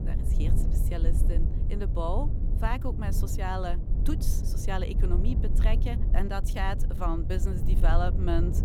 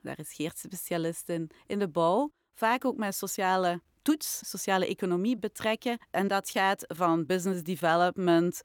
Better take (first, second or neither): second